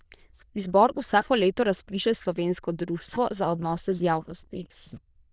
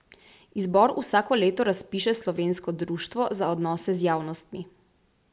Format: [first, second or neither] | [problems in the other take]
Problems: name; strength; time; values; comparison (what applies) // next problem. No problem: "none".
second | noise reduction (neural diffusion model UNIVERSE++)